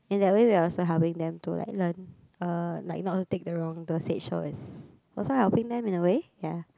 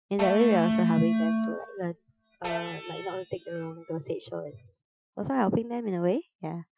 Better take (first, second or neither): first